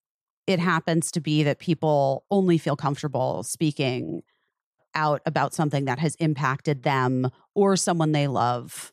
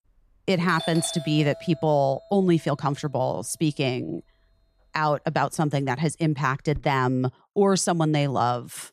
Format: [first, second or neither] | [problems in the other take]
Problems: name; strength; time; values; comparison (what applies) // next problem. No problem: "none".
first | doorbell; noticeable; from 0.5 to 7 s; peak 8 dB below the speech